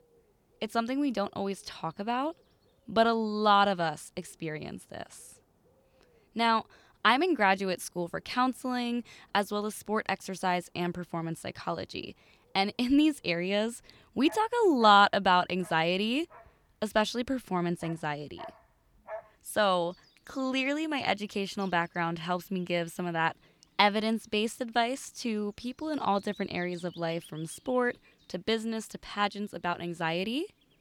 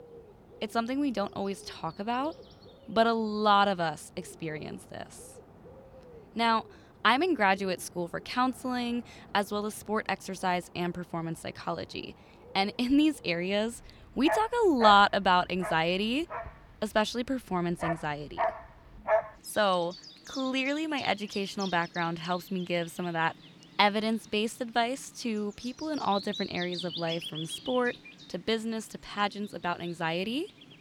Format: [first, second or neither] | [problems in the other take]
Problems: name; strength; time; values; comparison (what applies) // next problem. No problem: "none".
first | animal sounds; loud; throughout; 10 dB below the speech; faint in the first